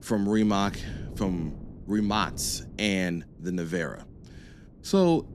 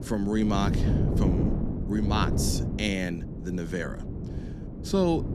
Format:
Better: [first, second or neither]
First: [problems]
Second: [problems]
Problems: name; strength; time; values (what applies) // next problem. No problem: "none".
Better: first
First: wind noise on the microphone; occasional gusts; 20 dB below the speech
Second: wind noise on the microphone; heavy; 6 dB below the speech